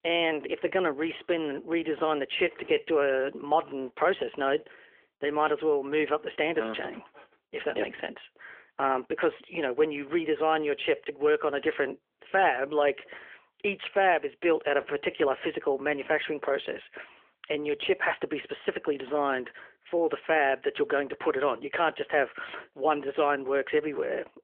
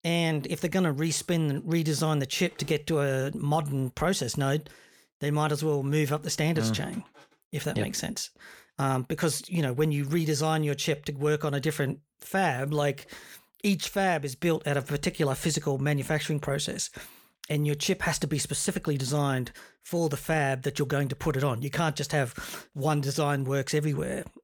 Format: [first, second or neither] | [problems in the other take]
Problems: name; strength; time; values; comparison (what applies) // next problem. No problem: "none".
second | phone-call audio